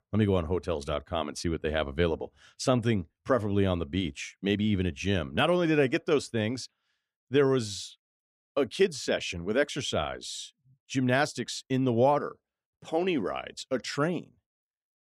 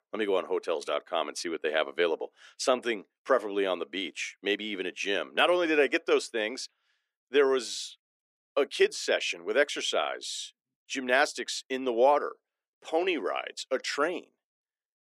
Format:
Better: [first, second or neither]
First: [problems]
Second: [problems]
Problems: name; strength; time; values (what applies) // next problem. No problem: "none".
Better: first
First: none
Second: thin; somewhat; fading below 350 Hz